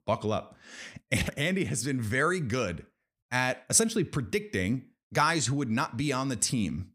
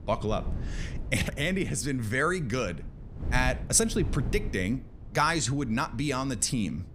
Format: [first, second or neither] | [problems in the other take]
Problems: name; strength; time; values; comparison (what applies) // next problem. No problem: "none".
first | wind noise on the microphone; occasional gusts; 20 dB below the speech